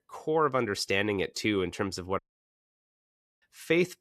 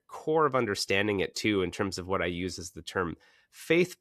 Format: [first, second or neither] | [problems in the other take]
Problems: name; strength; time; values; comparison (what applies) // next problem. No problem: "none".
second | audio cutting out; at 2 s for 1 s